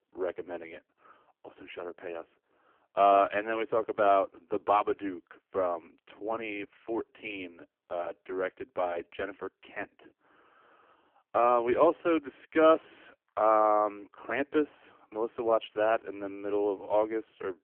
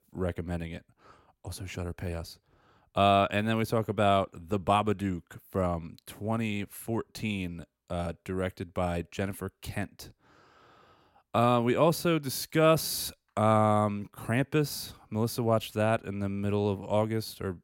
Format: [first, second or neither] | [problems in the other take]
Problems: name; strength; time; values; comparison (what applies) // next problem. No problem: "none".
second | phone-call audio; poor line; nothing above 3 kHz